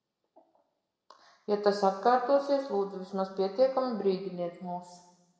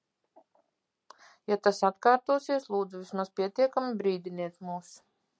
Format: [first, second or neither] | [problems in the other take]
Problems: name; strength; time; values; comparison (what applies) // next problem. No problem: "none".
second | room echo; dies away in 1.1 s